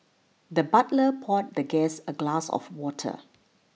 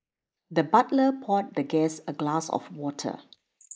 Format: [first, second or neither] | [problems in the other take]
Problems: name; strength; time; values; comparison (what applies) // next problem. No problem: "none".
first | noise reduction (neural mask model Resemble Enhance denoiser)